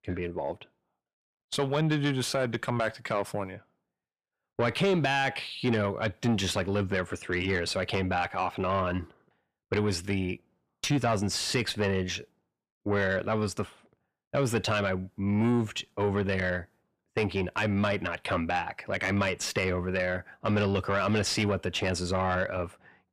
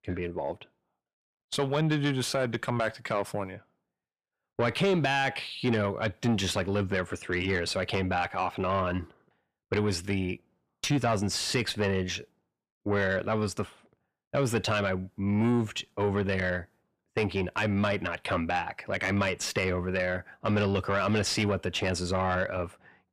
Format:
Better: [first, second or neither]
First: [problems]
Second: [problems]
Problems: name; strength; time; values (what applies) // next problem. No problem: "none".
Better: neither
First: distortion; slight; 10 dB below the speech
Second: distortion; slight; 10 dB below the speech